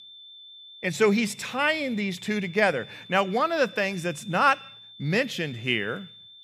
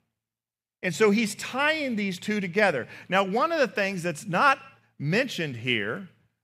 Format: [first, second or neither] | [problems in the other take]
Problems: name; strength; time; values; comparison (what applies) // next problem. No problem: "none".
second | high-pitched whine; noticeable; throughout; 3.5 kHz, 20 dB below the speech